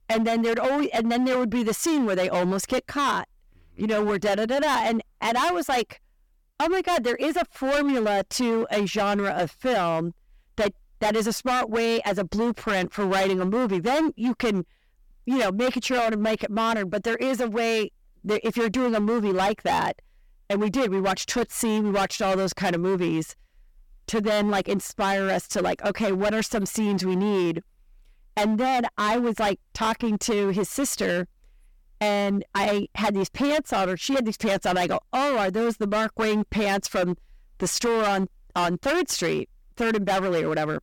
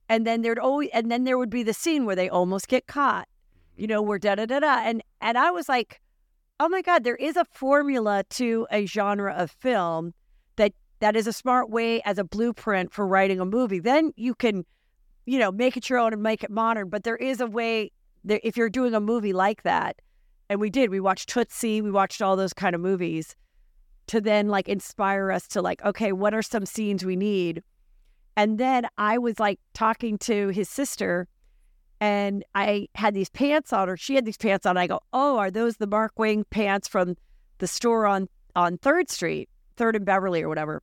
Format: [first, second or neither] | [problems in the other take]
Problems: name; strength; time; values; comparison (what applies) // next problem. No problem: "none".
second | distortion; heavy; 20% of the sound clipped